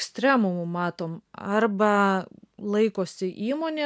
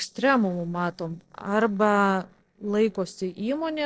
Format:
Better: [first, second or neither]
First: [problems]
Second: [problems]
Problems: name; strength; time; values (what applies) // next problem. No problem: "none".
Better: first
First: none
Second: noise reduction (neural separator model SepFormer DNS4)